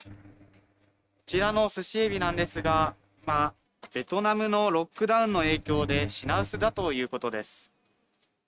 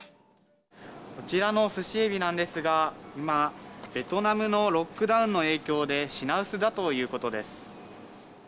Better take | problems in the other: second | noise reduction (neural mask model RNNoise)

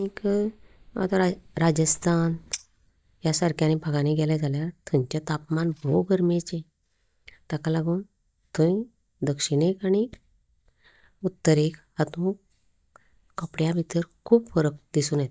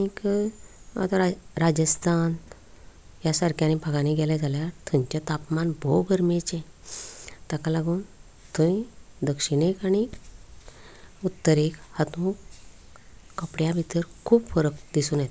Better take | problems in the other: second | noise reduction (neural mask model DeepFilterNet 3)

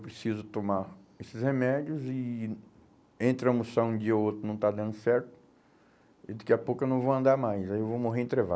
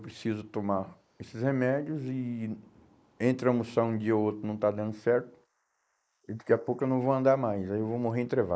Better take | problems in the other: first | noise reduction (neural mask model Resemble Enhance denoiser)

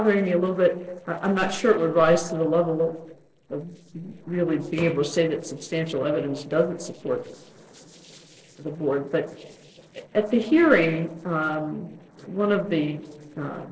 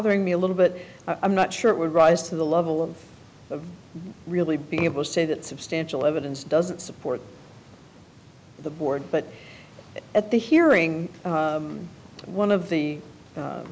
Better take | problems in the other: second | noise reduction (neural separator model SepFormer DNS4)

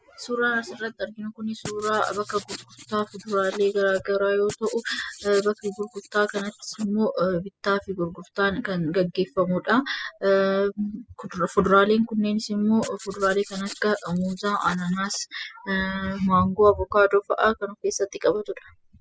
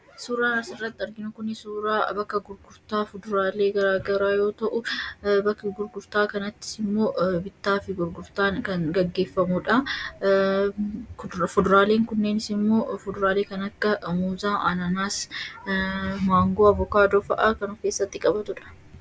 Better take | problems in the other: second | noise reduction (classical method spectral subtraction)

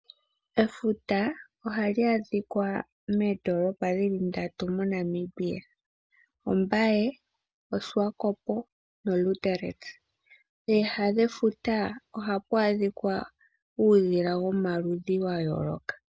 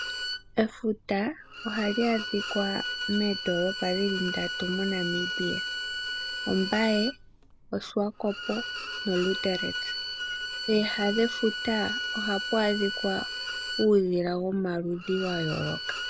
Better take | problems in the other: first | background sound (Bowed string instrument); 5 dB below the speech

